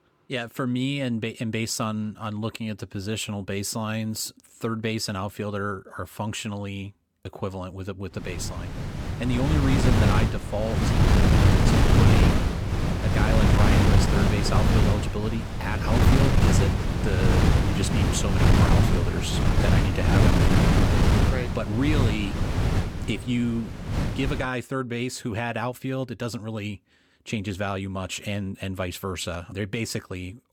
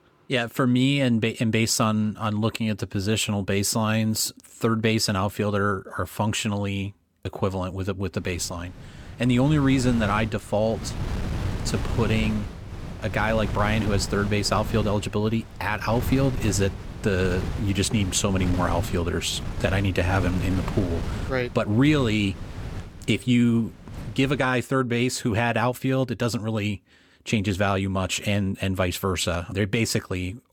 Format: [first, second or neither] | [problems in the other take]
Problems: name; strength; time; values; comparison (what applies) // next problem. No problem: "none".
second | wind noise on the microphone; heavy; from 8 to 24 s; 3 dB above the speech; occasional gusts in the second